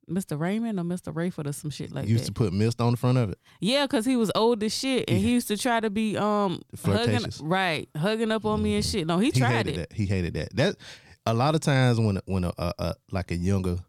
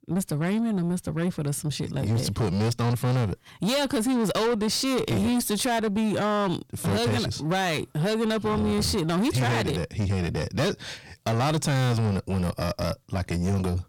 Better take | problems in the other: first | distortion; heavy; 7 dB below the speech

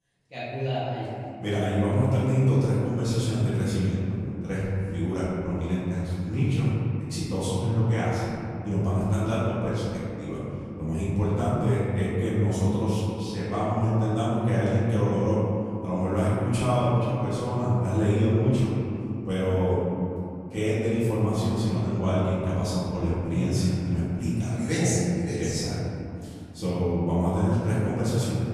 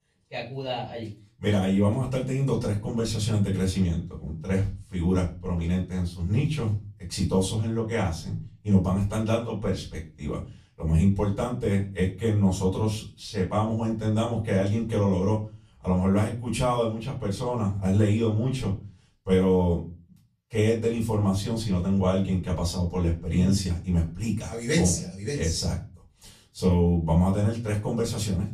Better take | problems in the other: second | room echo; strong; dies away in 2.9 s; slight in the second // off-mic speech; far; far in the second

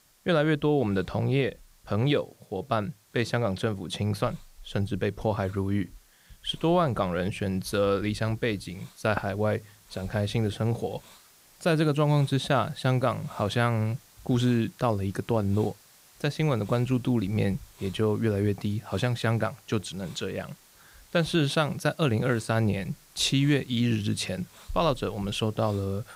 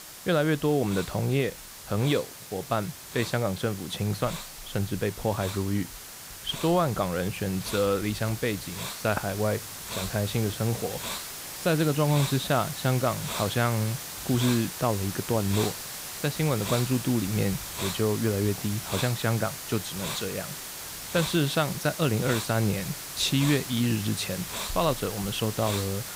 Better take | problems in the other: first | hiss; loud; throughout; 7 dB below the speech; faint in the first

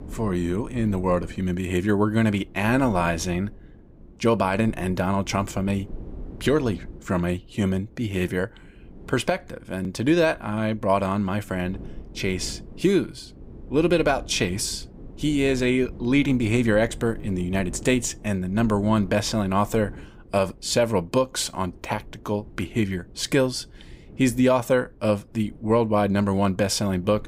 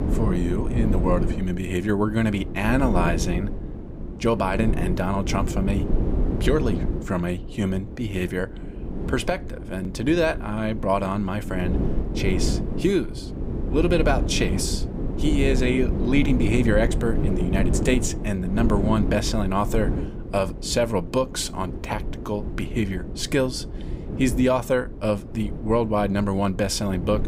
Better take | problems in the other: first | wind noise on the microphone; heavy; 9 dB below the speech; occasional gusts in the first

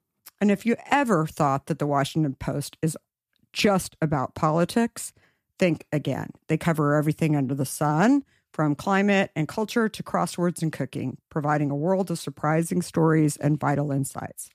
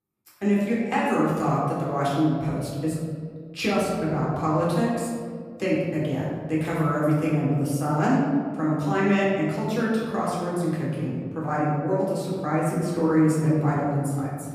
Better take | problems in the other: first | room echo; noticeable; dies away in 1.7 s // off-mic speech; far

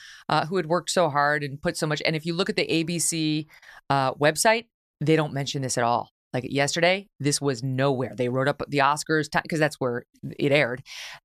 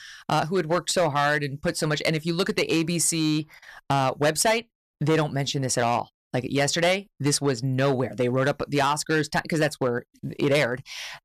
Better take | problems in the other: first | distortion; slight; 6% of the sound clipped

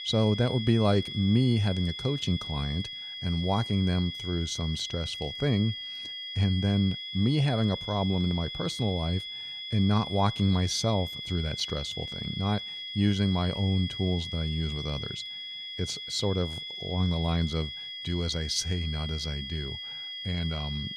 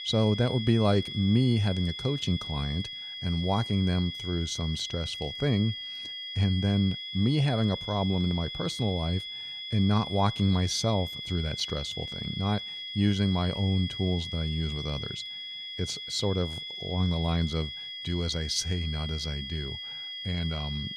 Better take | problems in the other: neither | high-pitched whine; loud; throughout; 3.5 kHz, 7 dB below the speech; the same in both

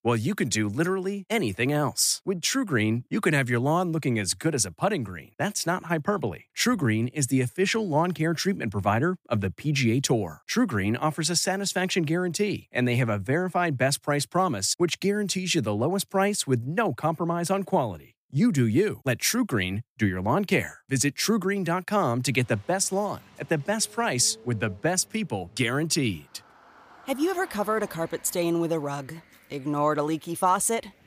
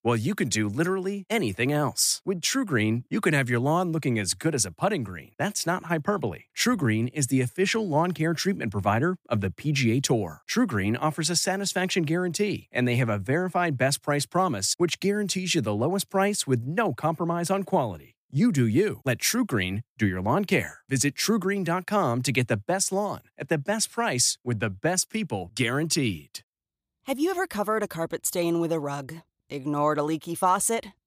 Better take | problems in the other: second | traffic noise; faint; from 22 s on; 25 dB below the speech

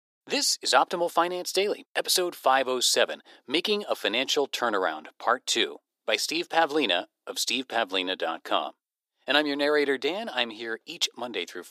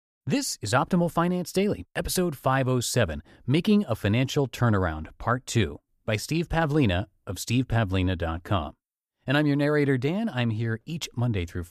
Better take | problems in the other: second | thin; very; fading below 350 Hz

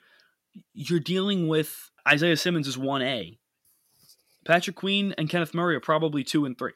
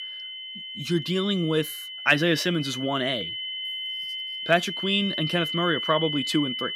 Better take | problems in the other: first | high-pitched whine; loud; throughout; 3 kHz, 5 dB below the speech

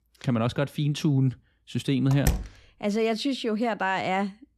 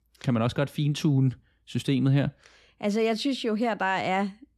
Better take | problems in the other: second | door banging; noticeable; at 2 s; peak 3 dB below the speech

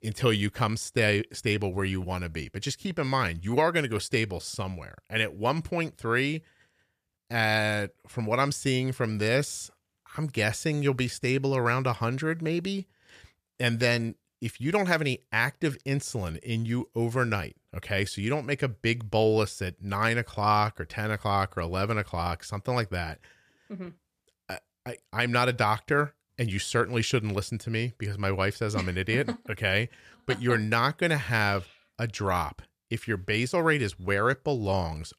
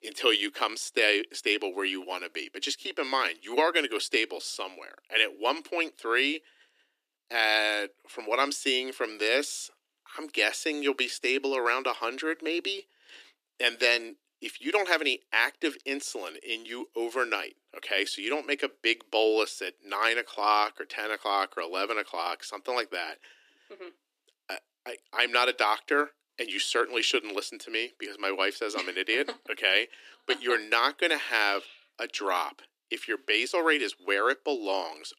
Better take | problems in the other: first | thin; somewhat; fading below 300 Hz

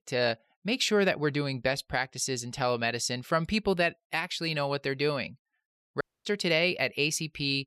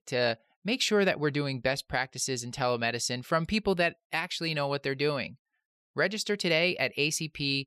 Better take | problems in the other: second | audio cutting out; at 6 s

